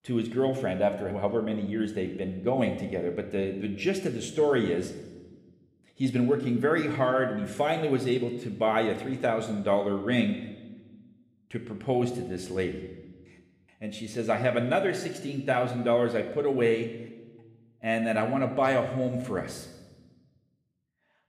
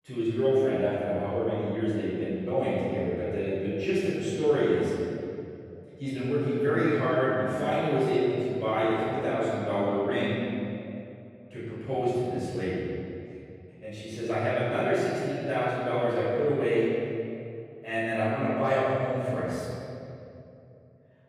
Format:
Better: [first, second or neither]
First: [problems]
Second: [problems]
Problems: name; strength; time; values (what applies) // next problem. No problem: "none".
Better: first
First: room echo; slight; dies away in 1 s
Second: room echo; strong; dies away in 2.5 s // off-mic speech; far